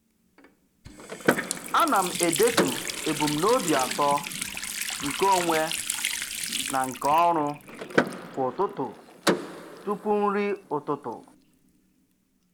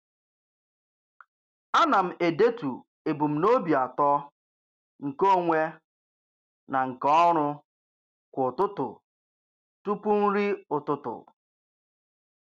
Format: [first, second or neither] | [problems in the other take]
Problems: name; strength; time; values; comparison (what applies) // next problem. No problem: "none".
second | background sound (Water tap, faucet + Door / Car); 4 dB below the speech